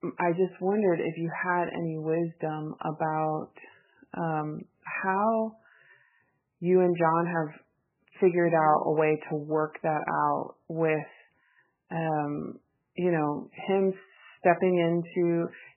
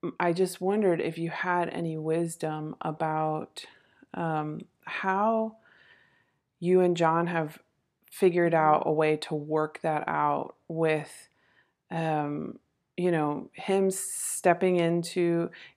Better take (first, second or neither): second